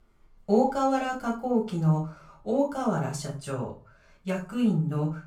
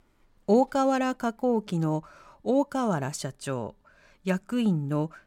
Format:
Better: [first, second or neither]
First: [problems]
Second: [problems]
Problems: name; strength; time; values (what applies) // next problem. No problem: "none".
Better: second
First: off-mic speech; far // room echo; slight; dies away in 0.3 s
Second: none